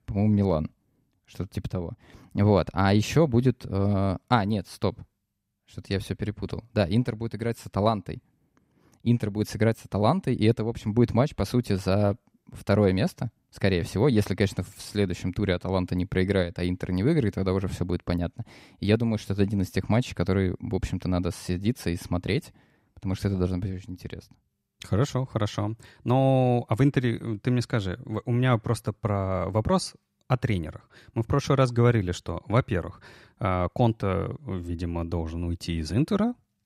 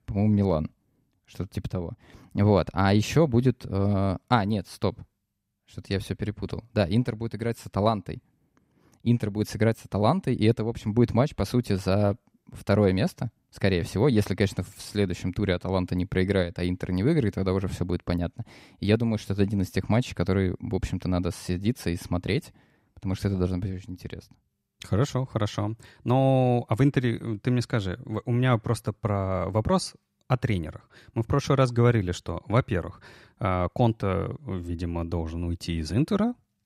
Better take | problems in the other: neither | none

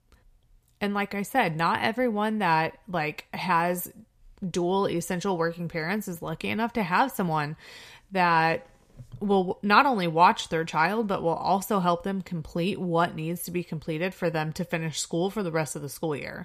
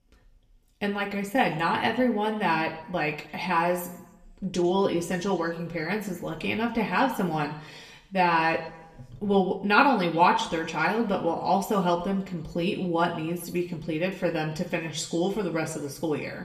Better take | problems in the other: first | room echo; slight; dies away in 0.7 s // off-mic speech; somewhat distant

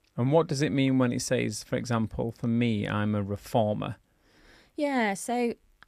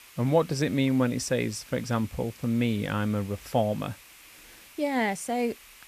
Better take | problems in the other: first | hiss; faint; throughout; 20 dB below the speech

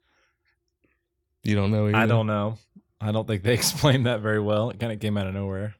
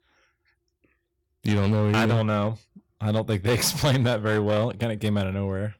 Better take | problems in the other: first | distortion; slight; 10% of the sound clipped

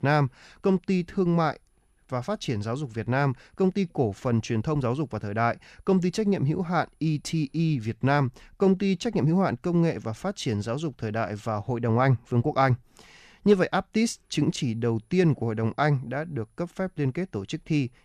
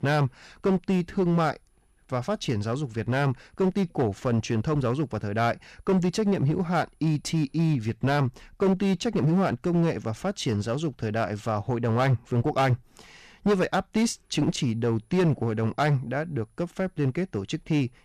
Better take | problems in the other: first | distortion; slight; 7% of the sound clipped

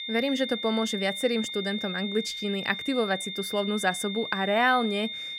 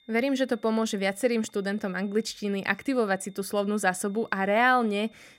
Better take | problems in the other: second | high-pitched whine; loud; throughout; 3.5 kHz, 6 dB below the speech; faint in the second

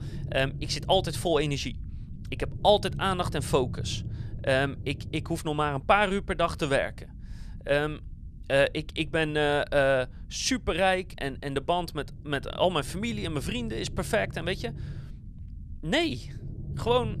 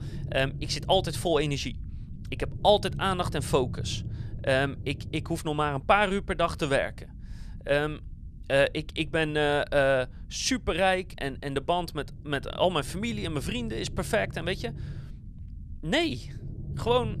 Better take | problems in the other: neither | low rumble; faint; throughout; 25 dB below the speech; the same in both

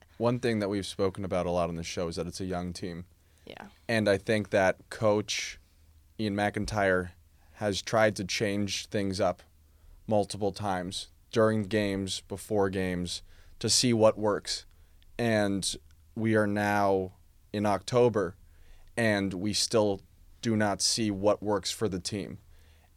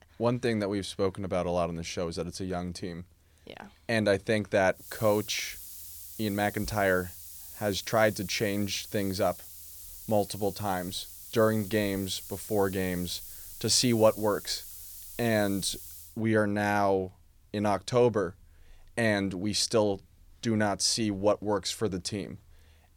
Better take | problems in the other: first | hiss; noticeable; from 5 to 16 s; 15 dB below the speech

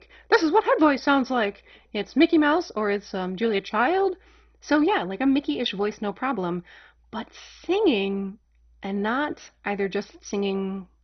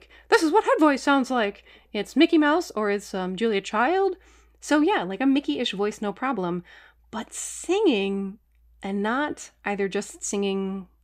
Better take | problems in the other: second | garbled, watery; badly; nothing above 6 kHz

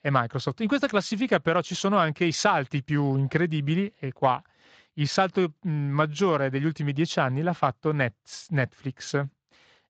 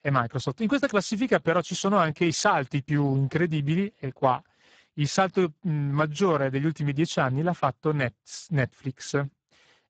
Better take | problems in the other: first | garbled, watery; badly; nothing above 7.5 kHz; slightly in the first

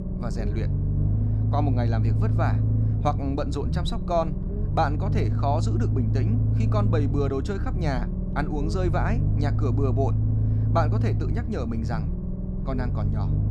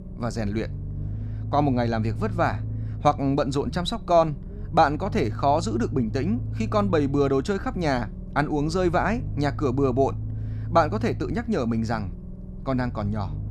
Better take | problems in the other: second | low rumble; loud; throughout; 7 dB below the speech; faint in the second

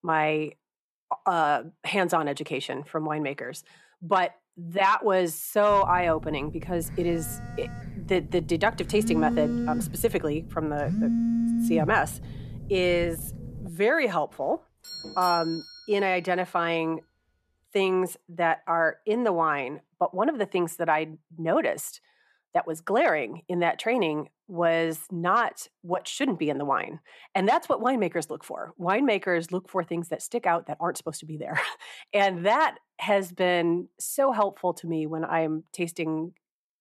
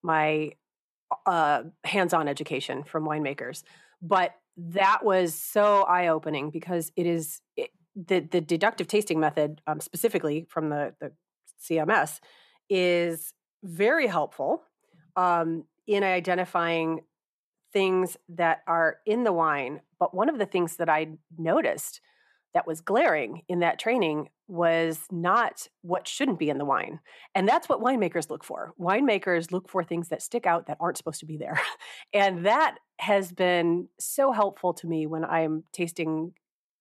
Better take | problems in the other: second | phone ringing; loud; from 5.5 to 14 s; peak 2 dB above the speech // doorbell; noticeable; from 15 to 16 s; peak 8 dB below the speech

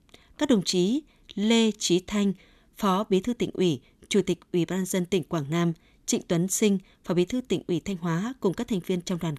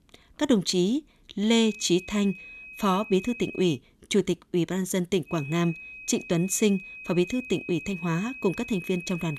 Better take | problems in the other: first | high-pitched whine; noticeable; from 1.5 to 4 s and from 5.5 s on; 2.5 kHz, 15 dB below the speech

